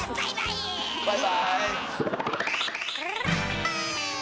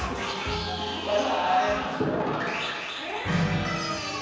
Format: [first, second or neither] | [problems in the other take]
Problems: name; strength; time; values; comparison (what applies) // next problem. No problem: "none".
first | room echo; dies away in 1.2 s